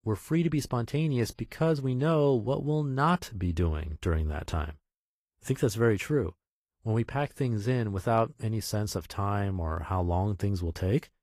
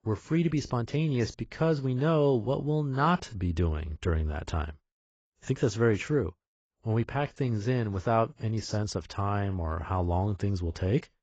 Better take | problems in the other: first | garbled, watery; badly; nothing above 7.5 kHz; slightly in the first

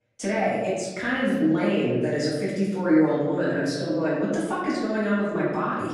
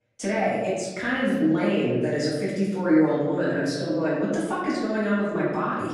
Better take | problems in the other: neither | room echo; noticeable; dies away in 1.2 s; the same in both // off-mic speech; far; the same in both

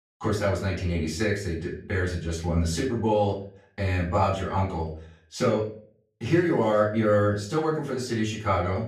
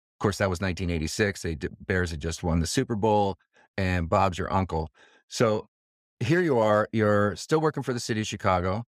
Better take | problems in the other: second | off-mic speech; far // room echo; slight; dies away in 0.4 s

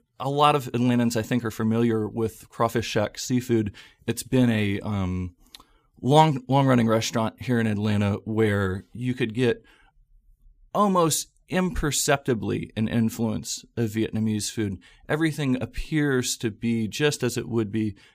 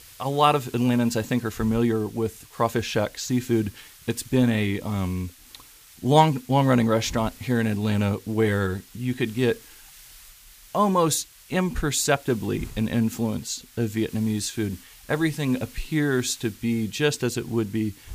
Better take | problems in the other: first | hiss; faint; throughout; 20 dB below the speech

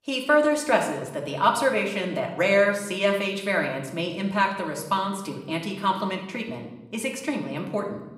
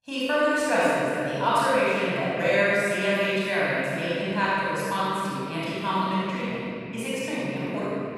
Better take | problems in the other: first | room echo; strong; dies away in 3 s; slight in the first // off-mic speech; far; somewhat distant in the first

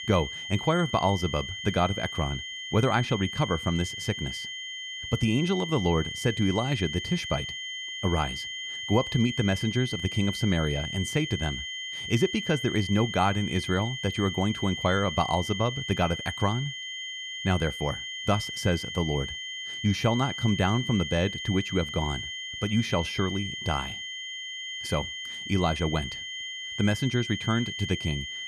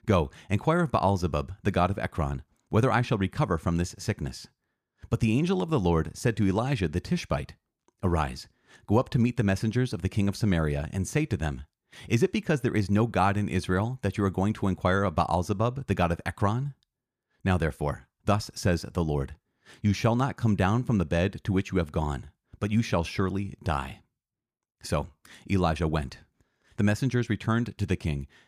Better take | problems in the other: second | high-pitched whine; loud; throughout; 3 kHz, 6 dB below the speech

